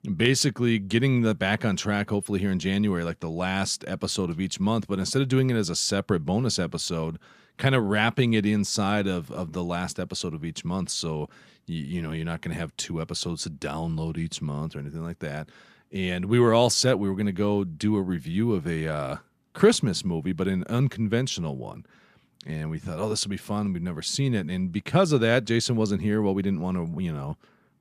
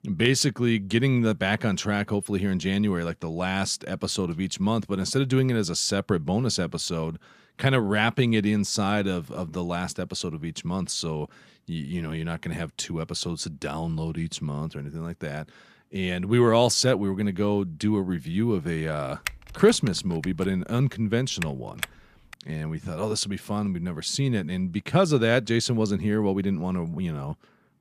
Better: first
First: none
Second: keyboard typing; noticeable; from 19 to 22 s; peak 8 dB below the speech

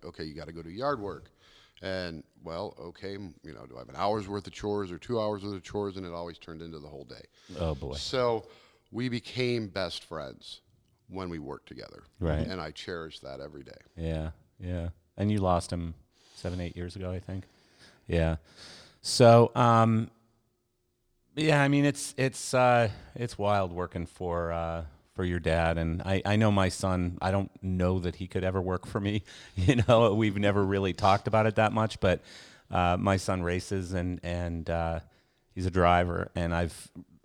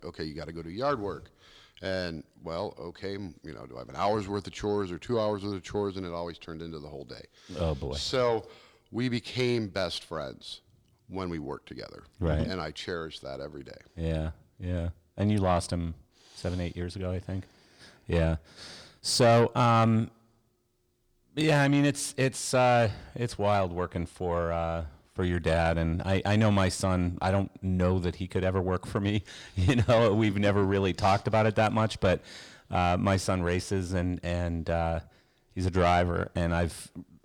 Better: first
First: none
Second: distortion; slight; 10 dB below the speech

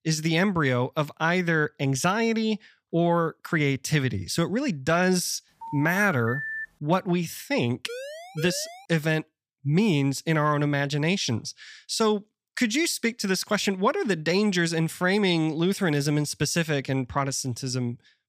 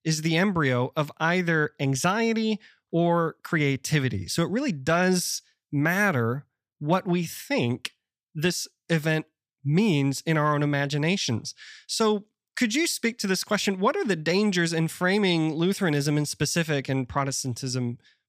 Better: second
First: phone ringing; noticeable; from 5.5 to 6.5 s; peak 5 dB below the speech // siren; faint; at 8 s; peak 10 dB below the speech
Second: none

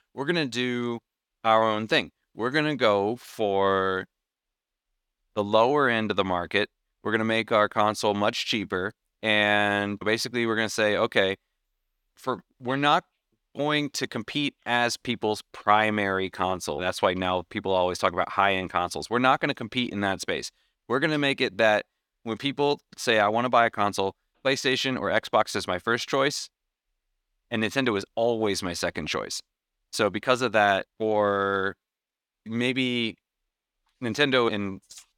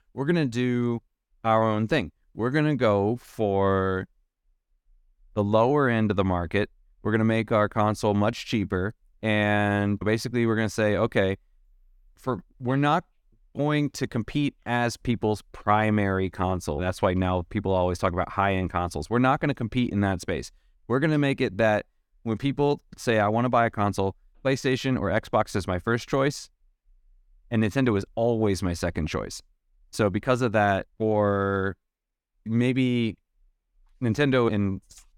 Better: second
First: thin; very slightly; fading below 1 kHz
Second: none

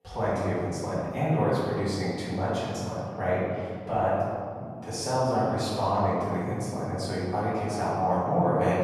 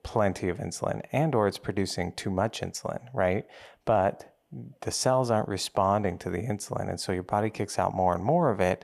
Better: second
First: off-mic speech; far // room echo; strong; dies away in 2 s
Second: none

